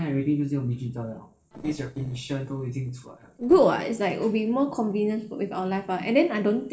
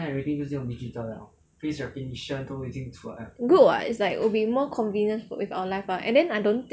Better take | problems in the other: second | noise reduction (neural separator model SepFormer DNS4)

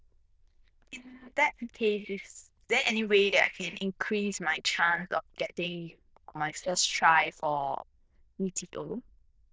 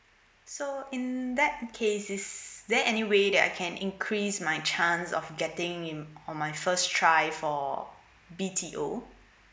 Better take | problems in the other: second | noise reduction (neural diffusion model UNIVERSE++)

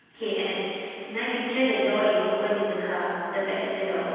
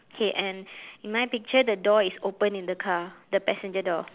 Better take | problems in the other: second | room echo; dies away in 2.1 s

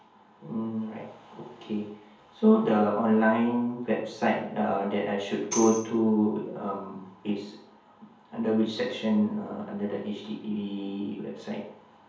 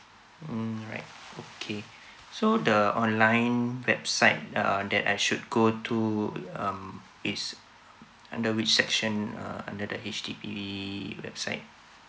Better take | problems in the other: second | background sound (Tambourine); 12 dB below the speech // room echo; dies away in 0.7 s

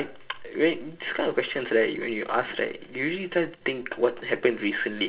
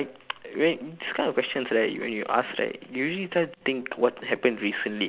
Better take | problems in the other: second | room echo; dies away in 0.2 s

